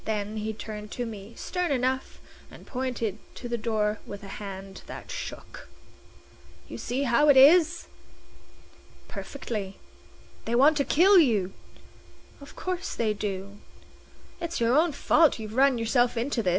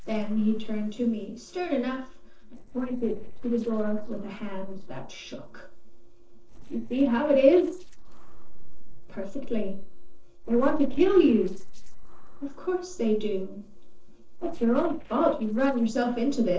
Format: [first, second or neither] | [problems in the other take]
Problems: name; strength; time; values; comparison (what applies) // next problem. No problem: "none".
first | noise reduction (neural separator model SepFormer DNS4)